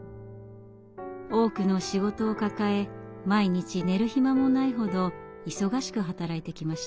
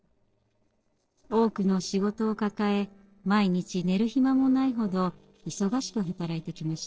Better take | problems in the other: first | noise reduction (neural separator model SepFormer DNS4)

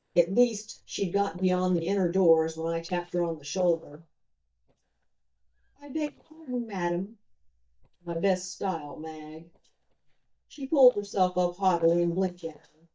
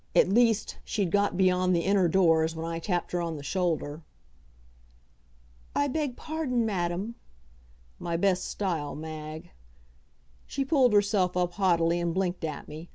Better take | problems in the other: second | noise reduction (neural mask model DeepFilterNet 3)

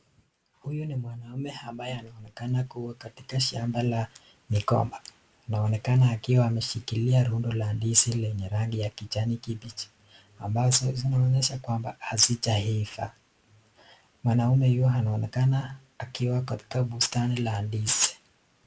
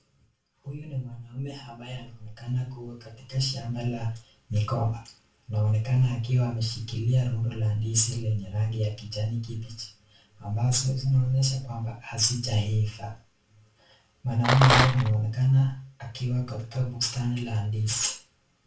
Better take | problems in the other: first | background sound (Rattle); 4 dB above the speech // room echo; dies away in 0.3 s

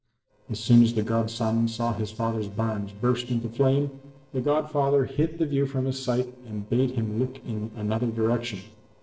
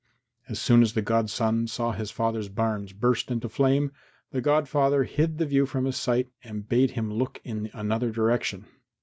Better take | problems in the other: second | noise reduction (neural separator model SepFormer DNS4)

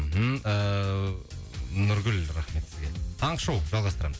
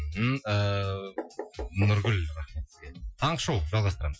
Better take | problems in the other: first | noise reduction (classical method Wiener filter)

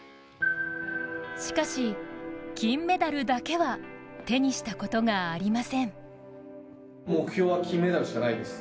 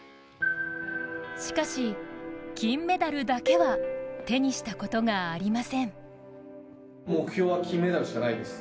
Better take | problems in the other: first | background sound (Marimba, xylophone); 2 dB below the speech

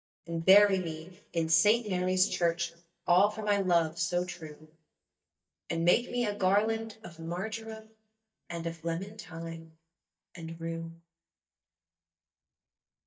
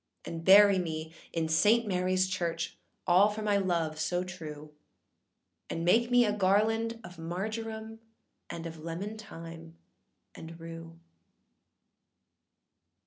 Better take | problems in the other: second | noise reduction (neural mask model DeepFilterNet 3)

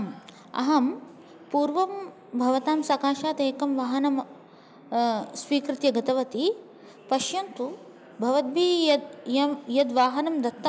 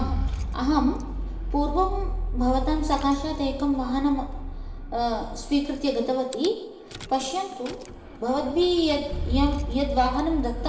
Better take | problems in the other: first | background sound (Rattle / Engine starting / Car); 5 dB below the speech // room echo; dies away in 0.9 s

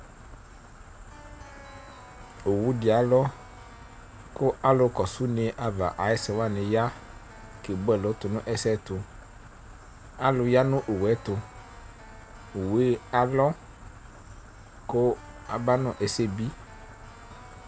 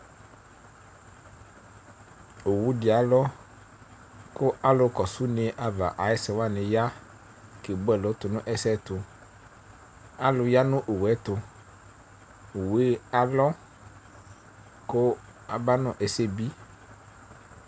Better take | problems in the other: second | background sound (Keyboard (musical)); 19 dB below the speech

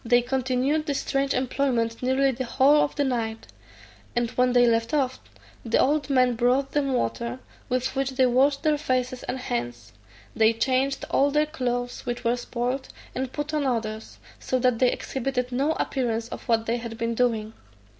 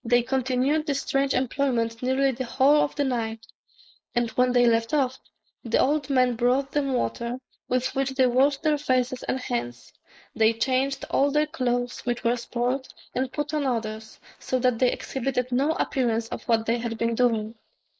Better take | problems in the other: first | noise reduction (neural mask model Resemble Enhance denoiser)

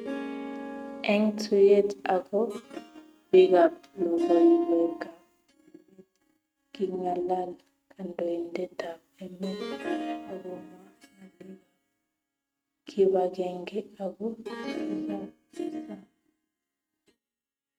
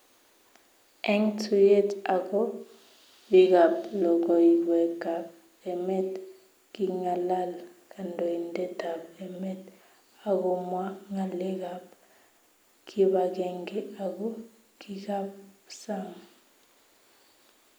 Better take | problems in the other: second | noise reduction (neural mask model RNNoise)

